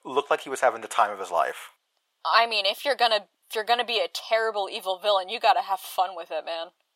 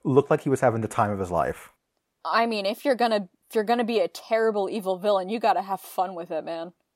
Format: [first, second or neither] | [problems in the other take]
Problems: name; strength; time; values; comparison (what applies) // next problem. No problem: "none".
second | thin; very; fading below 800 Hz